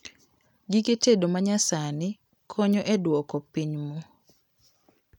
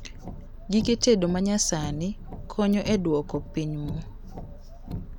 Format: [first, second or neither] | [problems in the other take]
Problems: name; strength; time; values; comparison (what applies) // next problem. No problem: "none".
first | background sound (Car); 10 dB below the speech